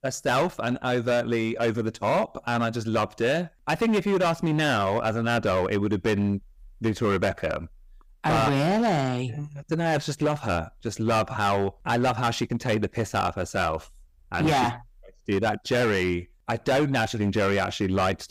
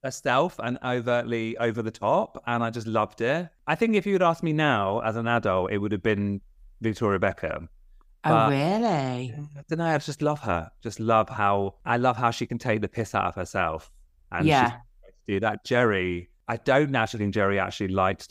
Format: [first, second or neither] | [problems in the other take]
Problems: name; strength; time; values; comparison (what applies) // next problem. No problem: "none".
second | distortion; heavy; 11% of the sound clipped